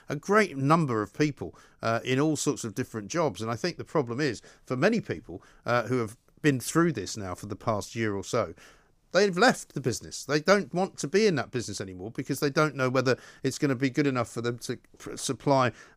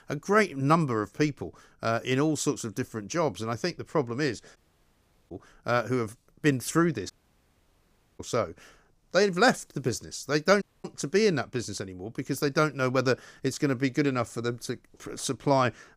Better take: first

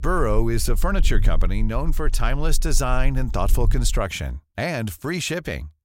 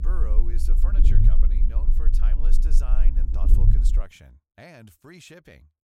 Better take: first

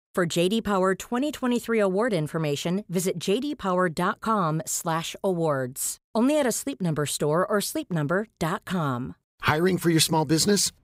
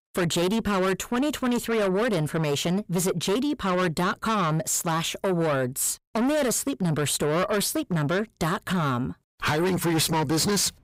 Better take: first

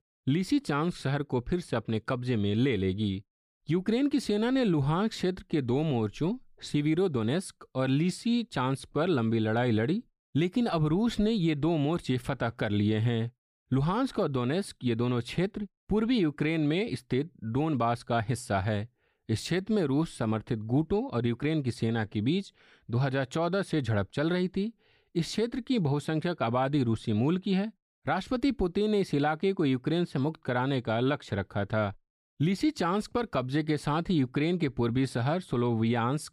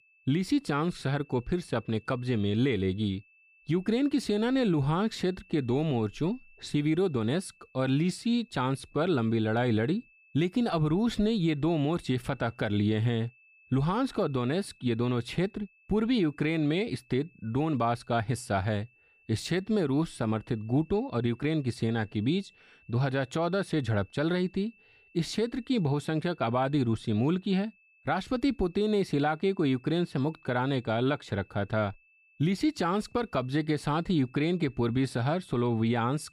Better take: first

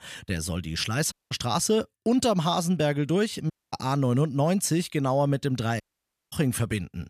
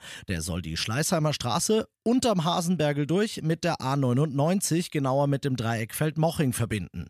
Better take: second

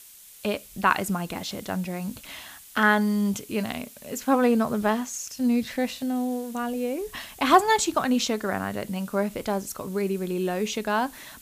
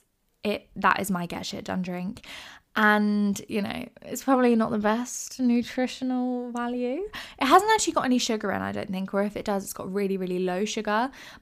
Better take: second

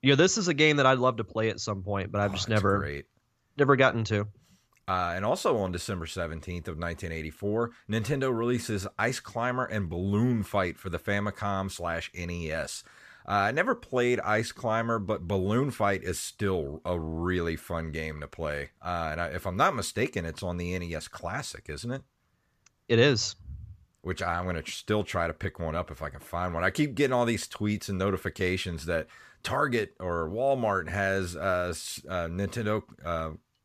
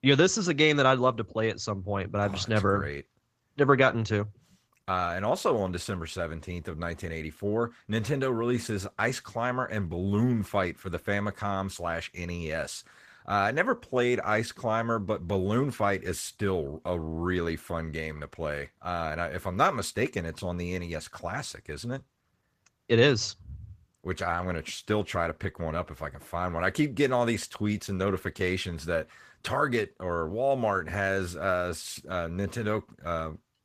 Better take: first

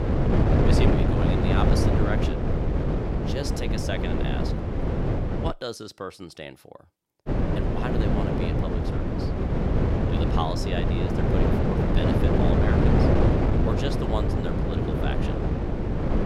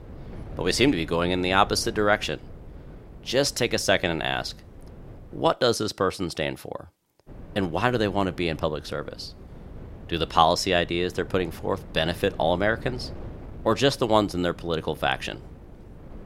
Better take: second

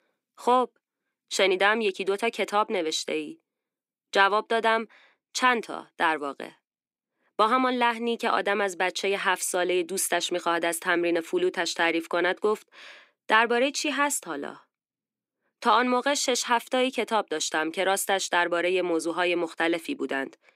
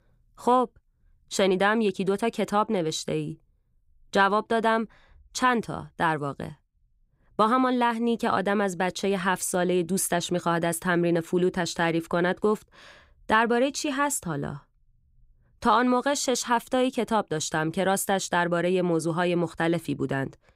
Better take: second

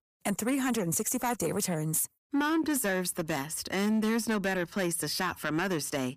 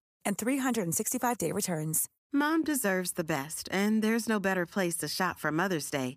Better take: second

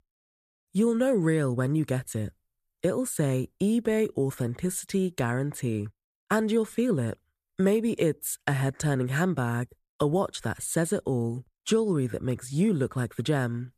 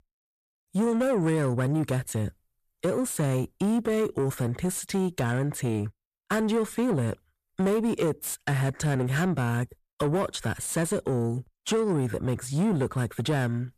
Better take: first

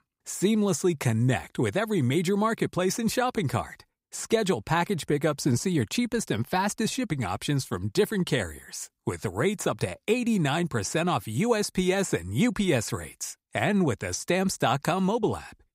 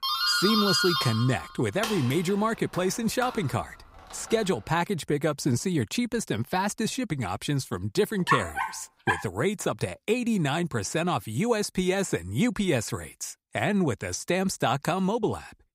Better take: first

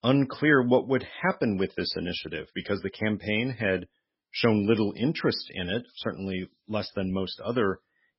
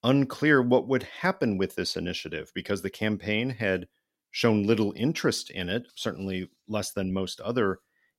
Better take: second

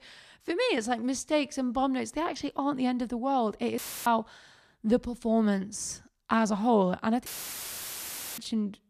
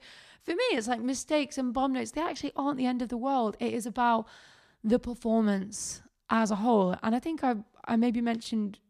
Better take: second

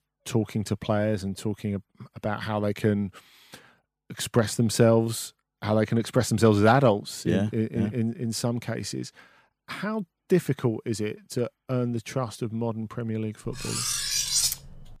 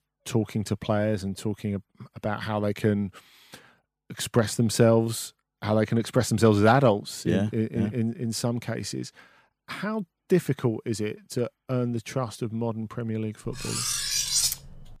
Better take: neither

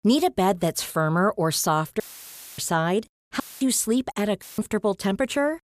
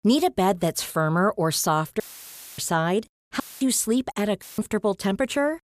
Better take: neither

